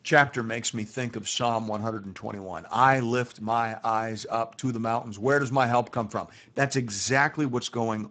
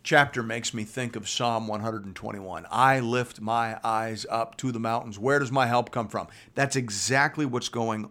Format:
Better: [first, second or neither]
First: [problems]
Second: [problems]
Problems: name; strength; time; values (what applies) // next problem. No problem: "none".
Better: second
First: garbled, watery; badly; nothing above 7.5 kHz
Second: none